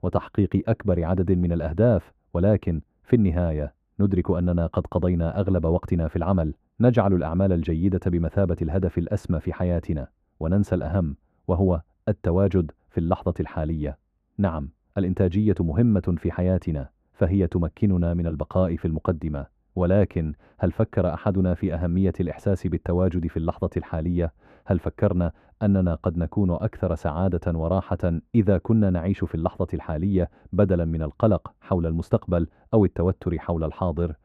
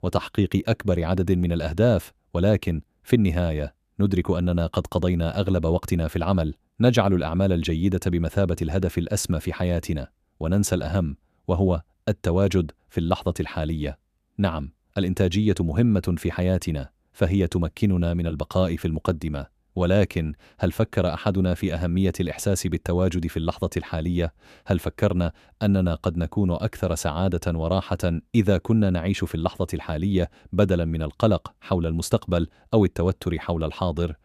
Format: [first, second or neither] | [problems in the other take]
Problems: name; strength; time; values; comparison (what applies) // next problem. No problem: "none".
second | muffled; very; fading above 2.5 kHz